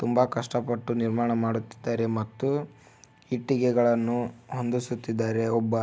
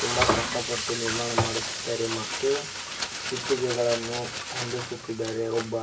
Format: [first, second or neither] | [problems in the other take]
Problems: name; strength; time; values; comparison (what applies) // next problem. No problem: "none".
first | background sound (Frying (food)); as loud as the speech // room echo; dies away in 0.2 s